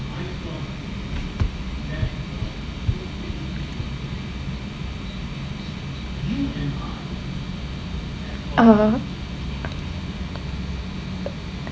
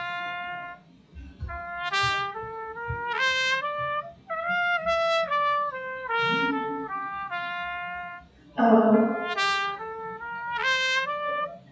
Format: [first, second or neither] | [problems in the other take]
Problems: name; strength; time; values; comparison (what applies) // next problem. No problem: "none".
first | noise reduction (classical method WPE with log-MMSE)